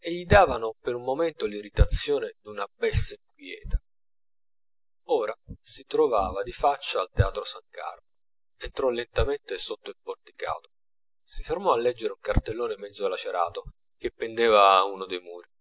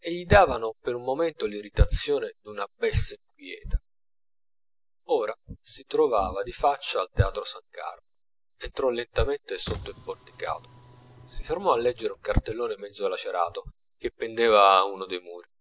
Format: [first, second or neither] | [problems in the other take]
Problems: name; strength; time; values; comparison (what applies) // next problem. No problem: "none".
first | background sound (Car); 17 dB below the speech